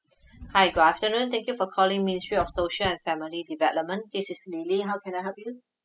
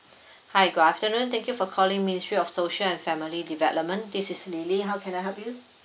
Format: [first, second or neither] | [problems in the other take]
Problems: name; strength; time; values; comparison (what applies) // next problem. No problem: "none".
second | noise reduction (classical method spectral subtraction)